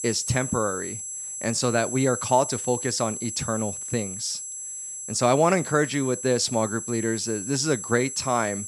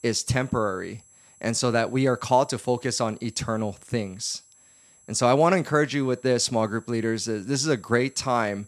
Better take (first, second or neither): second